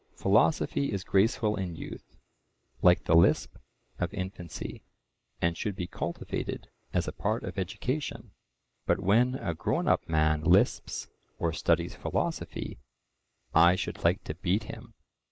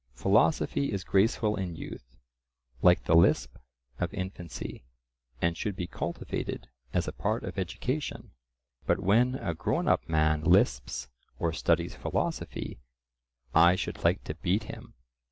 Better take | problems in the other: second | noise reduction (neural mask model Resemble Enhance denoiser)

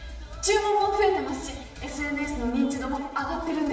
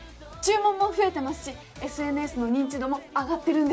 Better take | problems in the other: second | room echo; dies away in 0.8 s

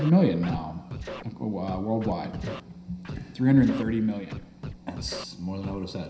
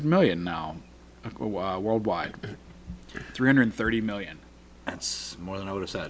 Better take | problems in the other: second | background sound (Scratching (performance technique)); 12 dB below the speech // room echo; dies away in 0.9 s

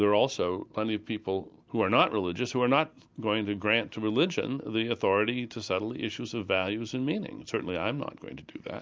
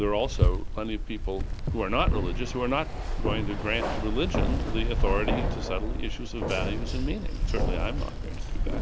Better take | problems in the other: first | background sound (Keys jangling); 4 dB above the speech

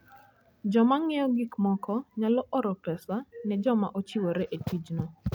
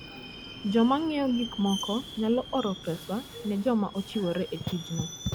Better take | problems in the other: first | background sound (Subway, metro, underground); 13 dB below the speech

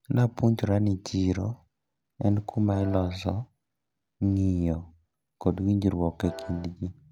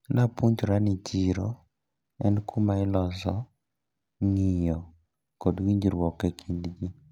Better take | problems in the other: second | background sound (Piano); 13 dB below the speech

